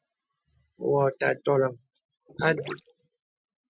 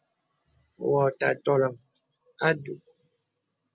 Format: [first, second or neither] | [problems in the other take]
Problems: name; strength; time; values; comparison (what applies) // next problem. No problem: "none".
second | noise reduction (classical method spectral subtraction)